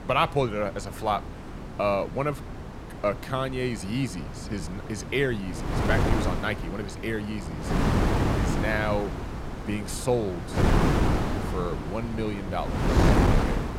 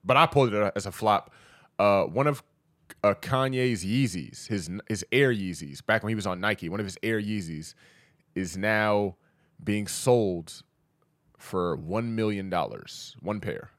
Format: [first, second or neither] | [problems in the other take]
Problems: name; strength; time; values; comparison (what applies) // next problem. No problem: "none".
second | wind noise on the microphone; heavy; 2 dB below the speech